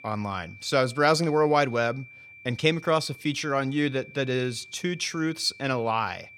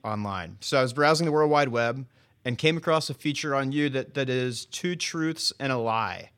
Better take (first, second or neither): second